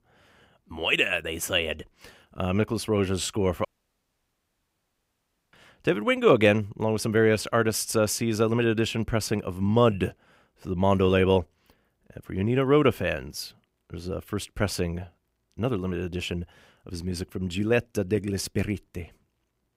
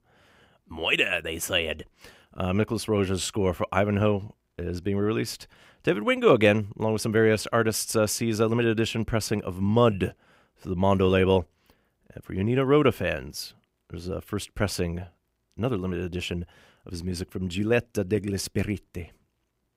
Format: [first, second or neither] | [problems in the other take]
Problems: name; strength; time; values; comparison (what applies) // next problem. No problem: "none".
second | audio cutting out; at 3.5 s for 2 s